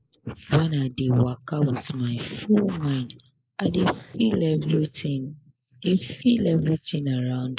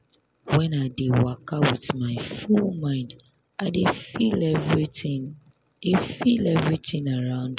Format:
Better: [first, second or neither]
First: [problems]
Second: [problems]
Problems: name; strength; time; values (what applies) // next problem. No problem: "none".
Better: second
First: noise reduction (neural mask model Resemble Enhance denoiser)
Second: none